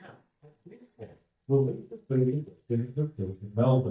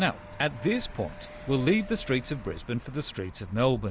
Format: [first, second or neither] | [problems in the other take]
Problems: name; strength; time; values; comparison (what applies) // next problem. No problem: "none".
second | noise reduction (neural mask model DeepFilterNet 3)